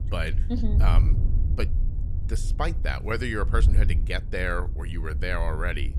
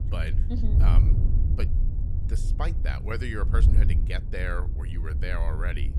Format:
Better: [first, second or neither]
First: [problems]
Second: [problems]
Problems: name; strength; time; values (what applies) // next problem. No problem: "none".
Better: first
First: wind noise on the microphone; occasional gusts; 15 dB below the speech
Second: wind noise on the microphone; heavy; 6 dB below the speech